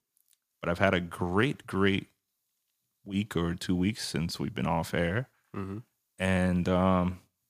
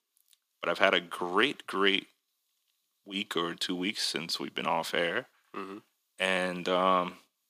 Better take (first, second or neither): first